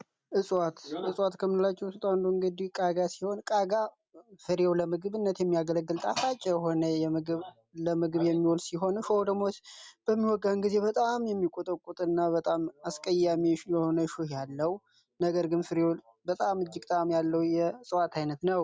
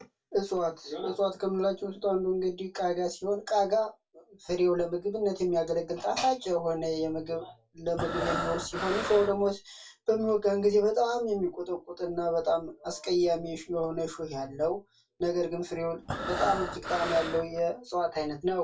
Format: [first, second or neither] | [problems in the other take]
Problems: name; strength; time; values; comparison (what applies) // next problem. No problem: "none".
first | background sound (Breathing); 5 dB below the speech // room echo; dies away in 0.2 s